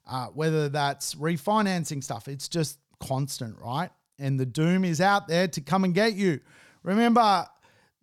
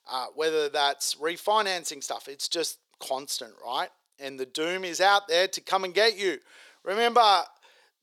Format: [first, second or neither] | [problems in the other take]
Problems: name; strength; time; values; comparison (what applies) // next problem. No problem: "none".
first | thin; very; fading below 400 Hz